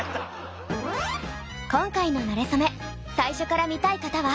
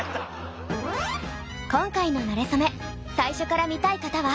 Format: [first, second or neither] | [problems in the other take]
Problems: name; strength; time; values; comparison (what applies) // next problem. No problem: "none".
first | background sound (Bowed string instrument); 17 dB below the speech